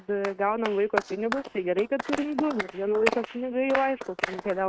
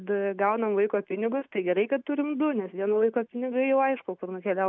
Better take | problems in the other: second | noise reduction (neural mask model RNNoise)

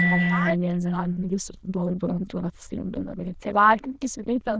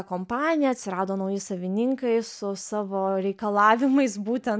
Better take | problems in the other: second | noise reduction (neural diffusion model UNIVERSE++)

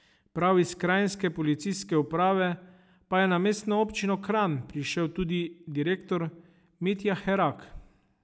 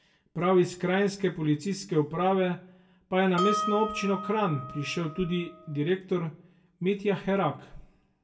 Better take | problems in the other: first | background sound (Harp); 6 dB below the speech // room echo; dies away in 0.2 s

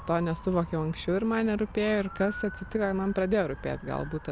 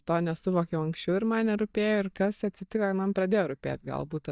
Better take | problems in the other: first | noise reduction (neural mask model DeepFilterNet 3)

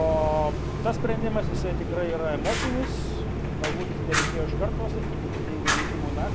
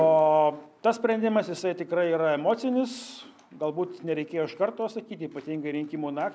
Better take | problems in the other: second | background sound (Fire); 3 dB above the speech

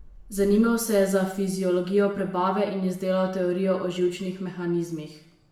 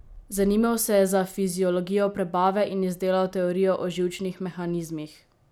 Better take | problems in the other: second | room echo; dies away in 0.7 s

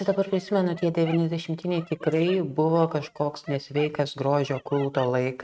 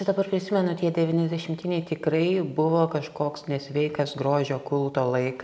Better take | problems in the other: second | noise reduction (neural mask model RNNoise)

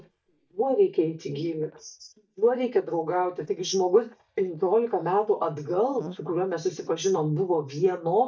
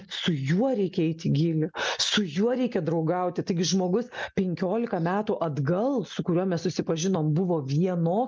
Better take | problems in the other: second | noise reduction (neural mask model DeepFilterNet 3)

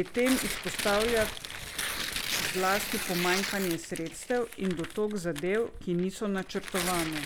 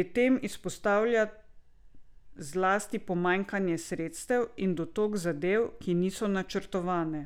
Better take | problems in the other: second | background sound (Tearing); 5 dB below the speech

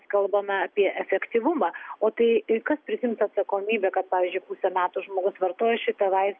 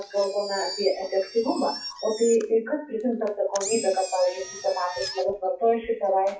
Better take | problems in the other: first | noise reduction (classical method WPE with log-MMSE)

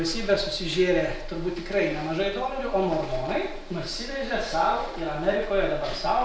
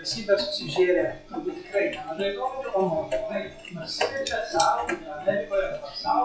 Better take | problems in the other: first | noise reduction (classical method log-MMSE)

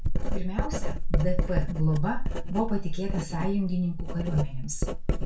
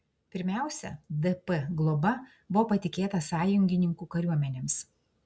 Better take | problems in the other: second | background sound (Writing); 4 dB above the speech // room echo; dies away in 0.2 s

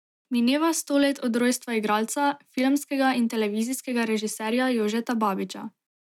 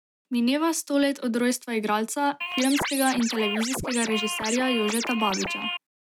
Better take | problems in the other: first | background sound (Scratching (performance technique)); 5 dB below the speech

